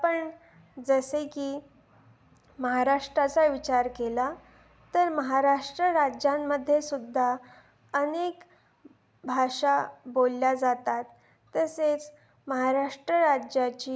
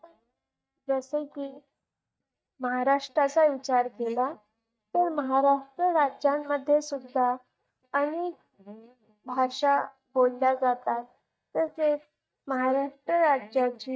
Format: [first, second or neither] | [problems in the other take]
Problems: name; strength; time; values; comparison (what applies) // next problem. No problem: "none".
first | noise reduction (neural mask model DeepFilterNet 3)